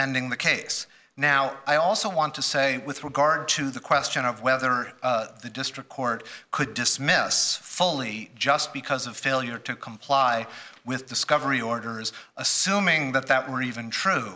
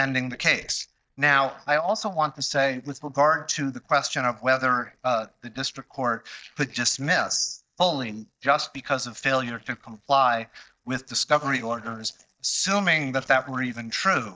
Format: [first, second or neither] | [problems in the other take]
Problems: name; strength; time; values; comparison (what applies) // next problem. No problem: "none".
first | noise reduction (neural mask model DeepFilterNet 3)